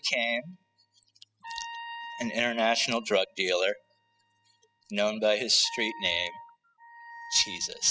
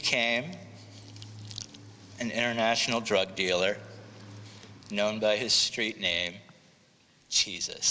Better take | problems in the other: second | noise reduction (classical method spectral subtraction)

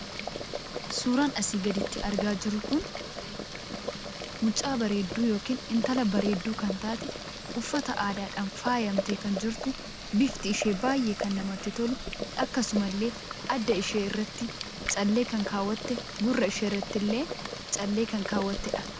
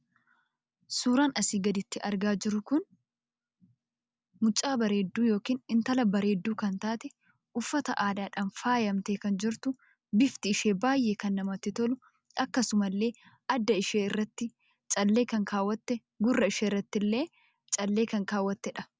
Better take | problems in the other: second | background sound (Boiling); 6 dB below the speech

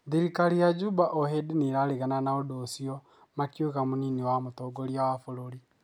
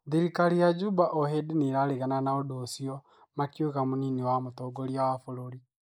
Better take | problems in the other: first | noise reduction (neural mask model Resemble Enhance denoiser)

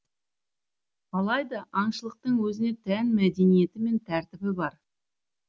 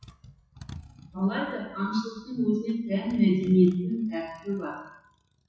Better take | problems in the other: first | noise reduction (classical method WPE with log-MMSE)

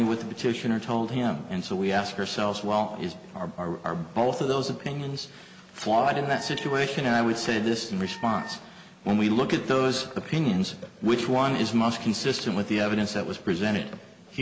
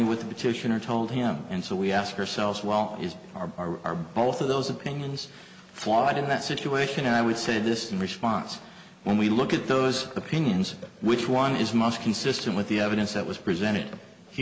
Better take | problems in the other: second | background sound (Wind instrument, woodwind instrument); 18 dB below the speech

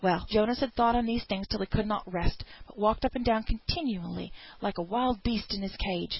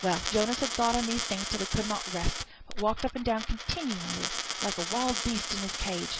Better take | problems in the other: first | background sound (Coin (dropping)); 4 dB below the speech

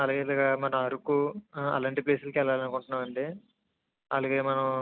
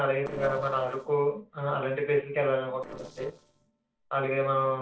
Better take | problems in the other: first | noise reduction (neural separator model SepFormer DNS4)

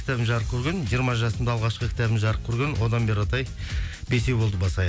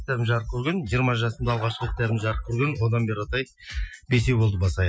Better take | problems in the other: first | noise reduction (classical method Wiener filter)

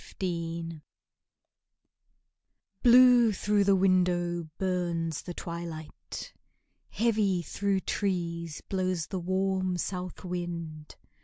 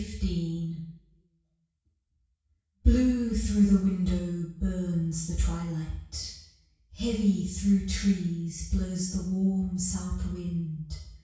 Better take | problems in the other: first | room echo; dies away in 0.6 s

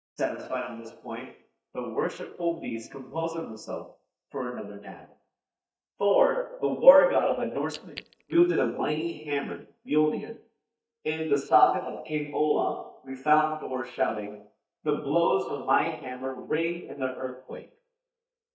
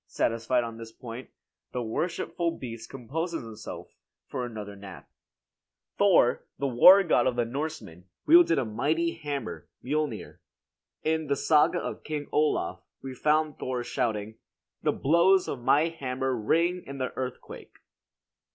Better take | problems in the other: second | noise reduction (neural mask model DeepFilterNet 3)

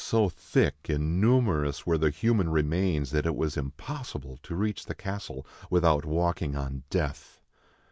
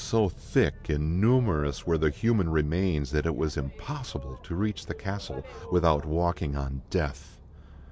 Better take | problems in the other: first | background sound (Boat, Water vehicle); 17 dB below the speech

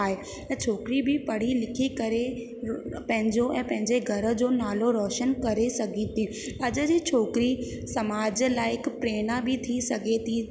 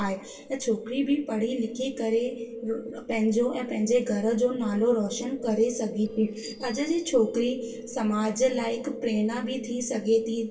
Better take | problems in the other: first | noise reduction (neural separator model SepFormer DNS4)

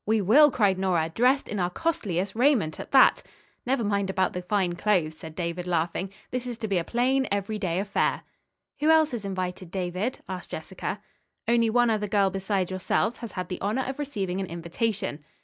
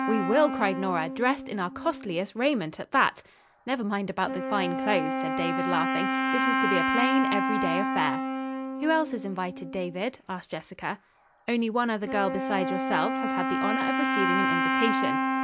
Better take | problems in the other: first | background sound (Wind instrument, woodwind instrument); as loud as the speech

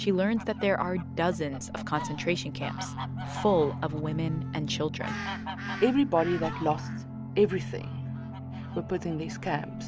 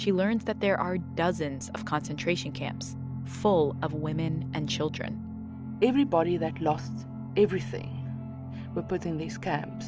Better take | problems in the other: second | background sound (Fowl); 14 dB below the speech

